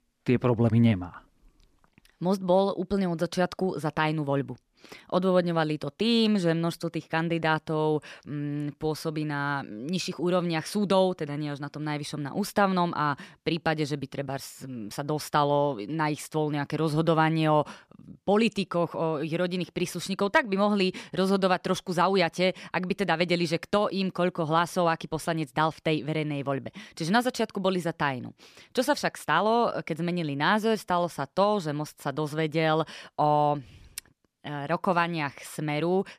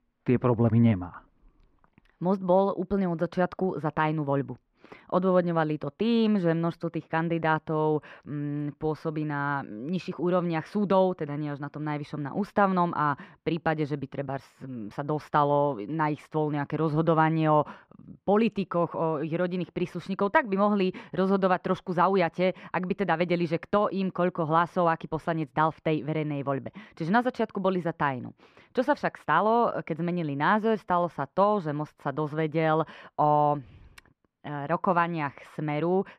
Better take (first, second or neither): first